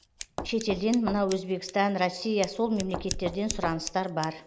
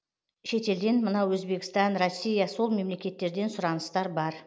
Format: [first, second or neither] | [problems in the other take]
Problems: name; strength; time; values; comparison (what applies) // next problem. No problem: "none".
second | background sound (Scissors + Knock); 10 dB below the speech